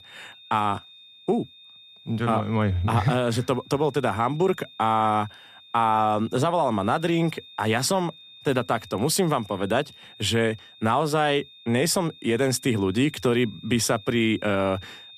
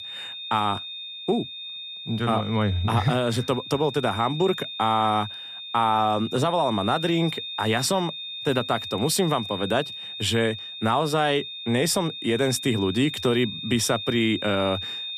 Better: first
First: high-pitched whine; faint; throughout; 3.5 kHz, 20 dB below the speech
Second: high-pitched whine; loud; throughout; 3.5 kHz, 8 dB below the speech

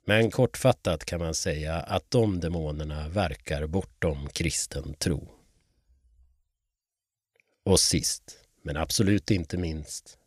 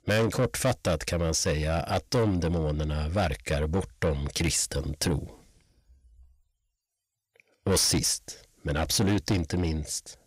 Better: first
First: none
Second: distortion; heavy; 7 dB below the speech

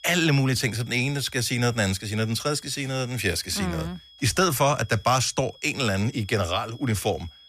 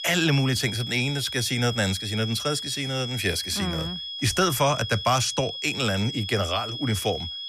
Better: first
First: high-pitched whine; faint; throughout; 3.5 kHz, 25 dB below the speech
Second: high-pitched whine; loud; throughout; 3.5 kHz, 6 dB below the speech

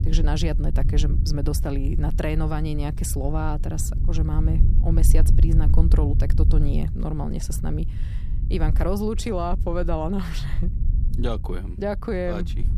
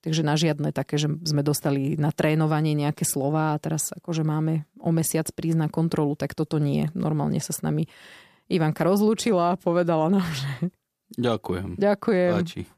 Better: second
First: low rumble; noticeable; throughout; 10 dB below the speech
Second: none

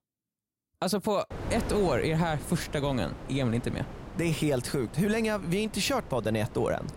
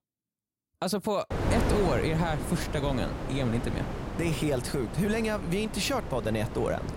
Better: first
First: wind noise on the microphone; occasional gusts; from 1.5 s on; 15 dB below the speech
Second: wind noise on the microphone; heavy; from 1.5 s on; 6 dB below the speech

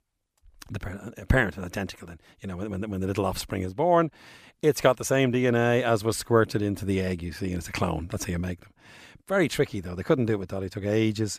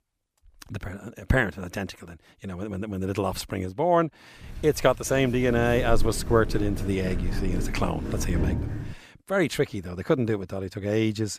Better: first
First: none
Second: footsteps; noticeable; from 4.5 to 9 s; peak 1 dB below the speech

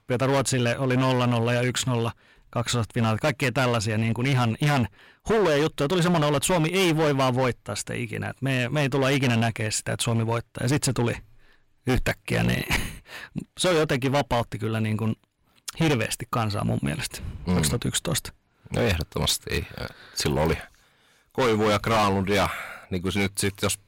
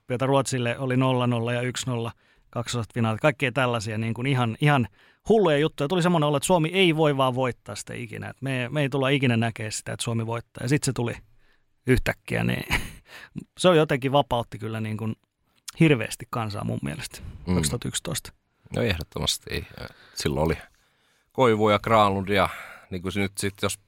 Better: second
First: distortion; heavy; 14% of the sound clipped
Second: none

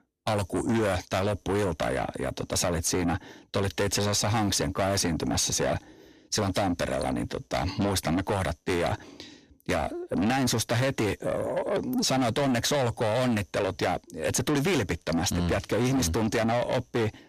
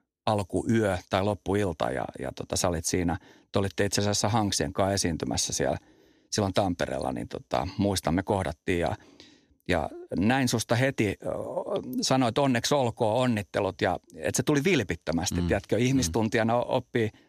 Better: second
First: distortion; heavy; 6 dB below the speech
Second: none

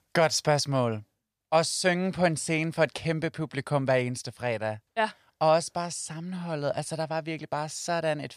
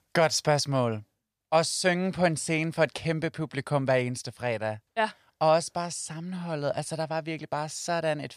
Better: neither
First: none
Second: none

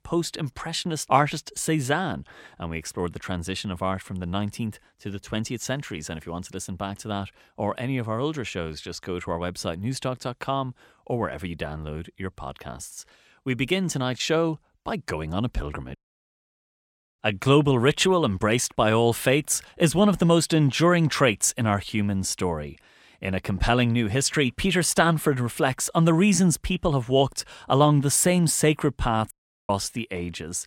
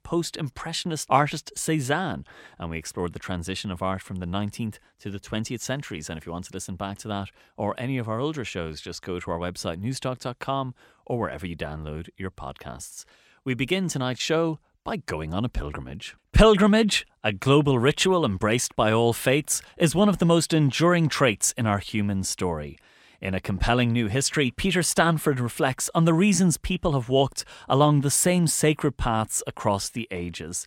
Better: second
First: audio cutting out; at 16 s for 1 s and at 29 s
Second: none

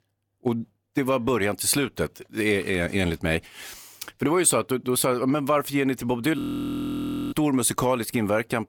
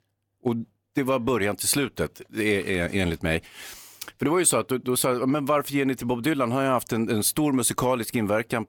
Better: second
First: audio freezing; at 6.5 s for 1 s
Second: none

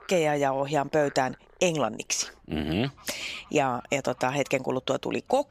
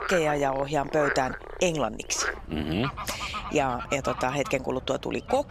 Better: first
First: animal sounds; faint; throughout; 25 dB below the speech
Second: animal sounds; loud; throughout; 7 dB below the speech

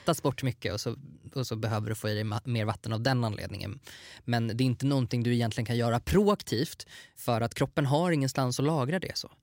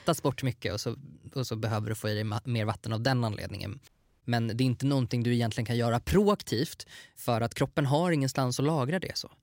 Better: first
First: none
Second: audio cutting out; at 4 s

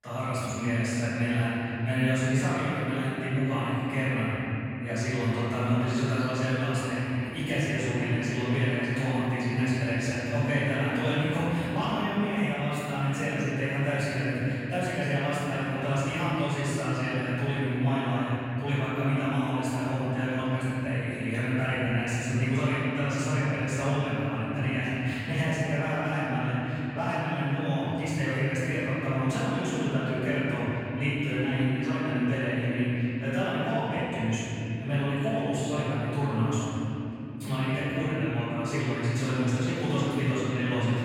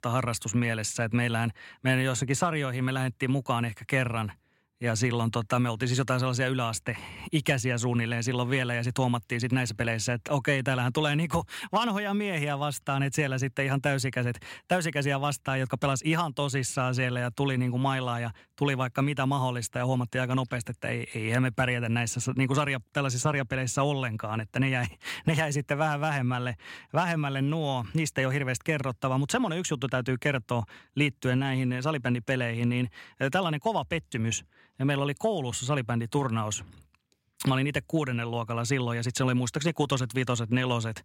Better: second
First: room echo; strong; dies away in 3 s // off-mic speech; far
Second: none

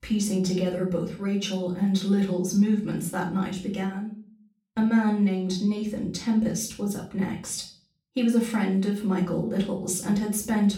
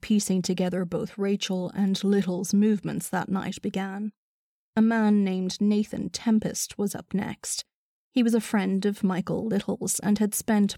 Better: second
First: off-mic speech; far // room echo; slight; dies away in 0.4 s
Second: none

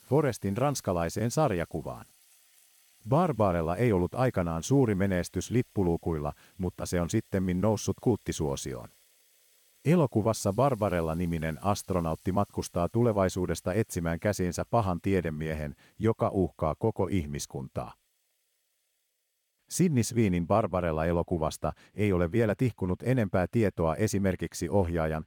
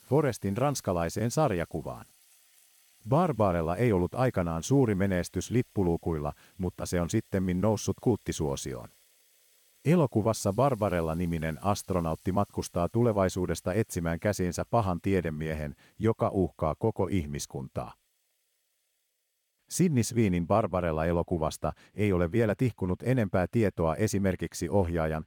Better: neither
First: household noises; faint; throughout; 30 dB below the speech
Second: household noises; faint; throughout; 30 dB below the speech

